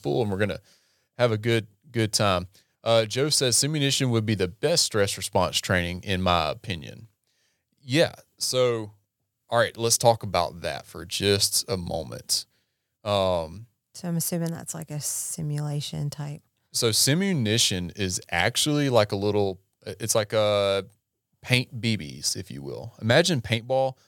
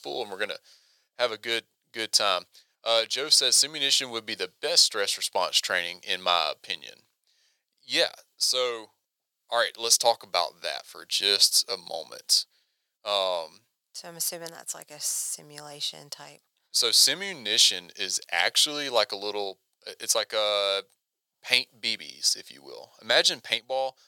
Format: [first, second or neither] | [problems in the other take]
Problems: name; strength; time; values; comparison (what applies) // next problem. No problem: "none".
first | thin; very; fading below 600 Hz